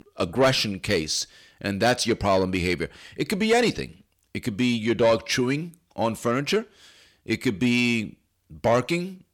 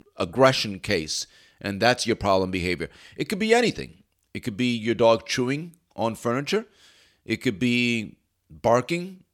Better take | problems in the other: second | distortion; slight; 10 dB below the speech

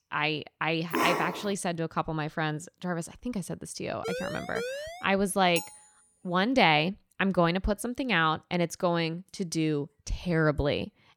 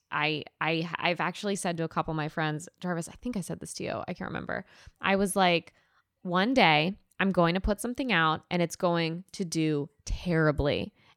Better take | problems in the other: second | dog barking; loud; at 1 s; peak 1 dB above the speech // siren; noticeable; from 4 to 5 s; peak 6 dB below the speech // clattering dishes; noticeable; at 5.5 s; peak 9 dB below the speech

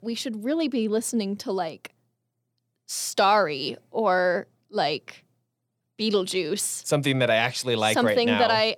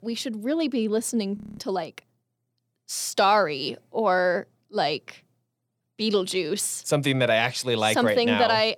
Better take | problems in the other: first | audio freezing; at 1.5 s

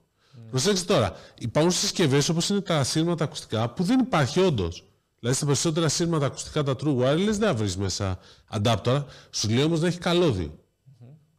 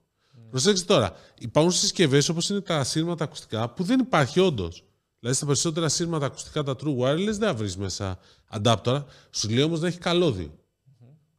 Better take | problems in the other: second | distortion; slight; 10 dB below the speech

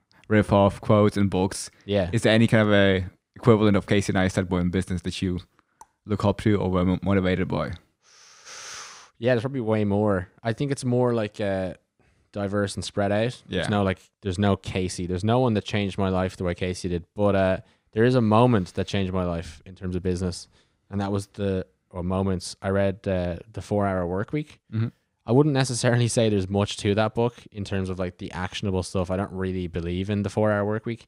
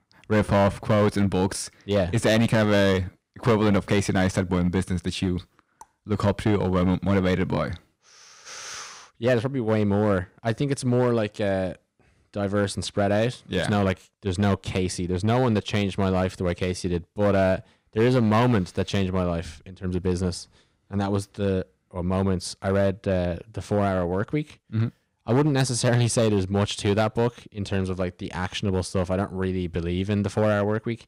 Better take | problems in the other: first | distortion; slight; 5% of the sound clipped

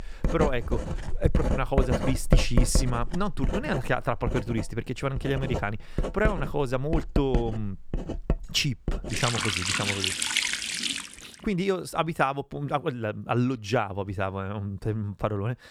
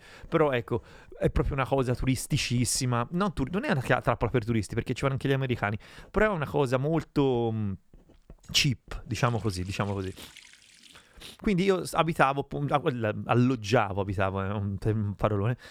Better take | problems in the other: second | household noises; loud; until 11 s; 1 dB below the speech; faint in the second

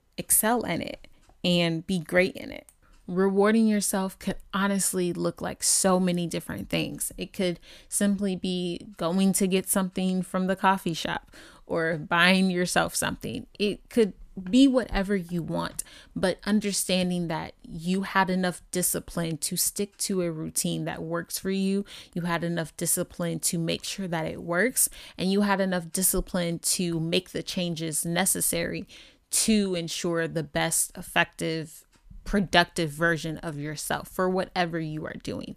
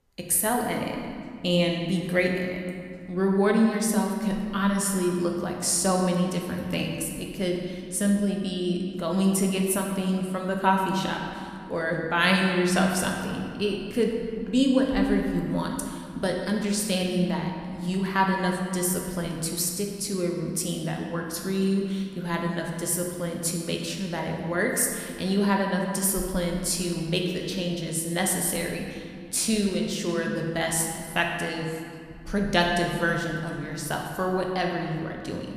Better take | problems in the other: first | room echo; noticeable; dies away in 1.9 s

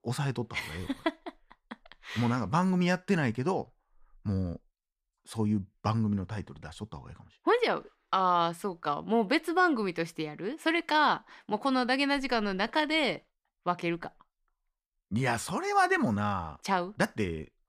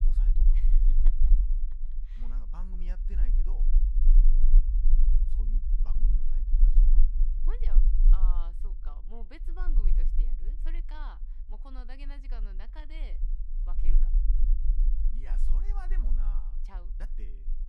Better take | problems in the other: first | low rumble; loud; throughout; 3 dB below the speech

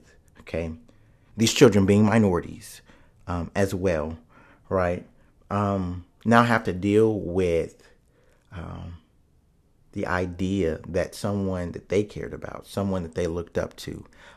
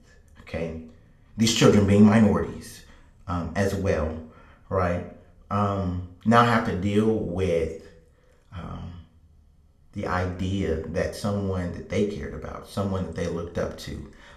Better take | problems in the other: first | room echo; very slight; dies away in 0.4 s // off-mic speech; somewhat distant

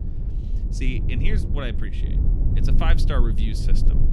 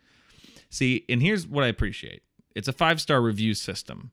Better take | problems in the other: second | low rumble; loud; throughout; 7 dB below the speech

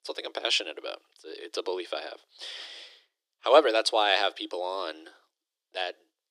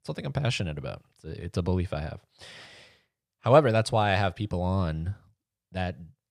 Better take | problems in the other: second | thin; very; fading below 300 Hz

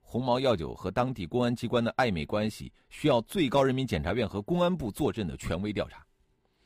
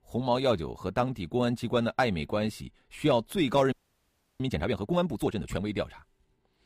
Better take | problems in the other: first | audio freezing; at 3.5 s for 0.5 s

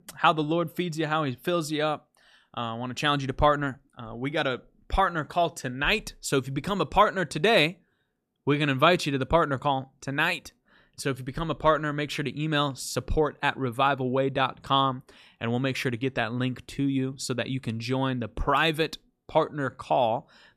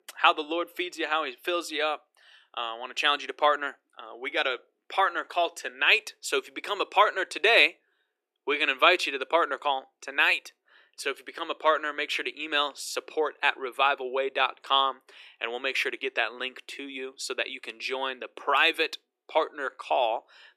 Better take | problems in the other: first | thin; very; fading below 350 Hz

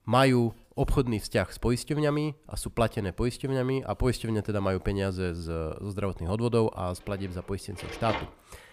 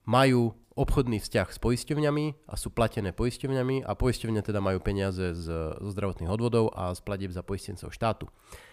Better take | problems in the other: second | household noises; noticeable; throughout; 10 dB below the speech

